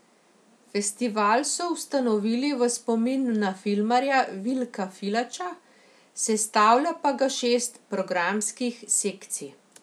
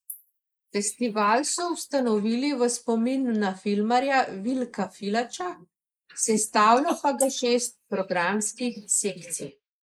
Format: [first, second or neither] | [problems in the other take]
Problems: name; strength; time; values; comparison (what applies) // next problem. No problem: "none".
first | noise reduction (neural mask model Resemble Enhance denoiser)